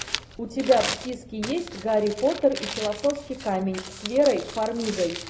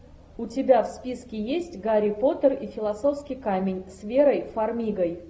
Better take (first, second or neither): second